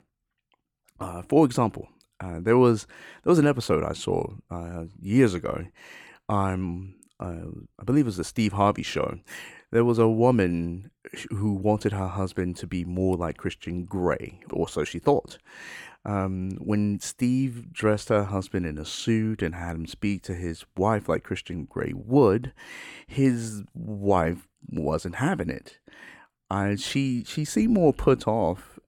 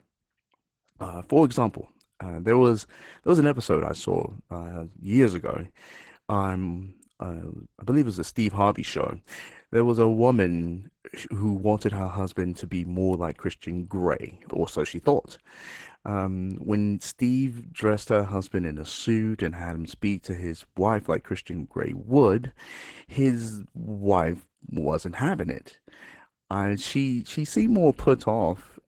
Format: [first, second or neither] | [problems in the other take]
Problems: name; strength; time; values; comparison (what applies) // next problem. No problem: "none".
first | garbled, watery; slightly; nothing above 17.5 kHz